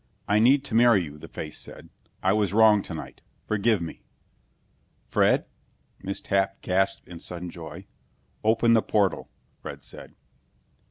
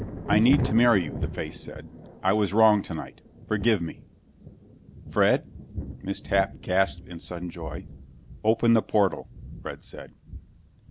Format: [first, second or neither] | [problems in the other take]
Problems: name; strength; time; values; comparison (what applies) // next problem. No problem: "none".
first | background sound (Thunder); 10 dB below the speech